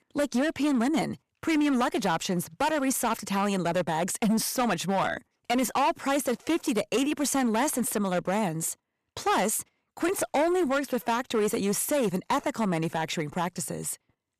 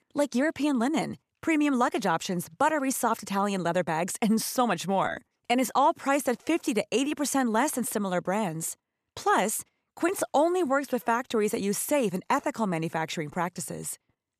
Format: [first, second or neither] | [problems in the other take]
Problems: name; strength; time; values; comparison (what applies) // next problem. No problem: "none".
second | distortion; slight; 10% of the sound clipped